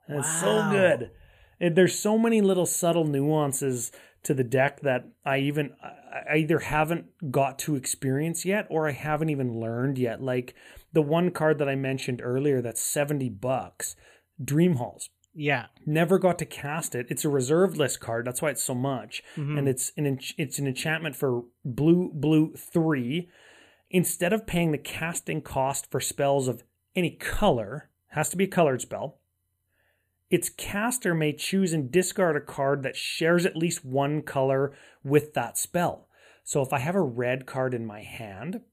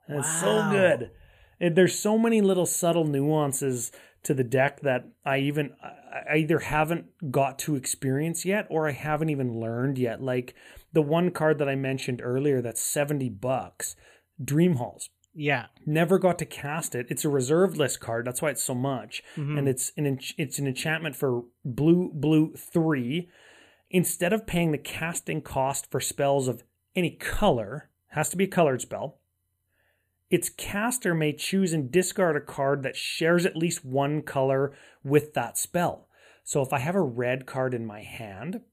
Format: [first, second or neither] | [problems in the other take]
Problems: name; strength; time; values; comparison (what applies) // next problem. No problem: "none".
neither | none